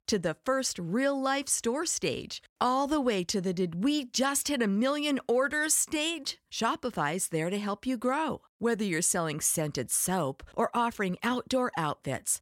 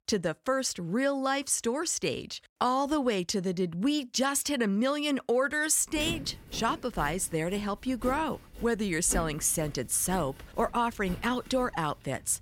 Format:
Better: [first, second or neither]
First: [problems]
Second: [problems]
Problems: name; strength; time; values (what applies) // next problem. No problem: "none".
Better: first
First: none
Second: footsteps; noticeable; from 6 to 12 s; peak 9 dB below the speech